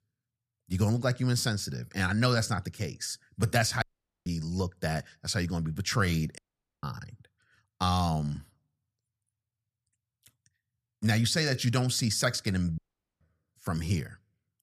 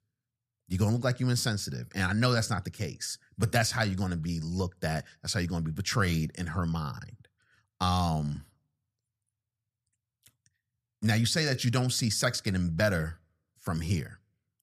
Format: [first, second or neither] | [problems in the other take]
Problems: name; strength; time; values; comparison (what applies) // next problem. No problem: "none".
second | audio cutting out; at 4 s, at 6.5 s and at 13 s